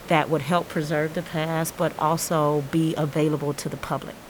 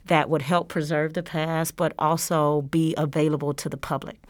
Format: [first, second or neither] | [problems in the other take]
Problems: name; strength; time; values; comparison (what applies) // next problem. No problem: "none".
second | hiss; noticeable; throughout; 15 dB below the speech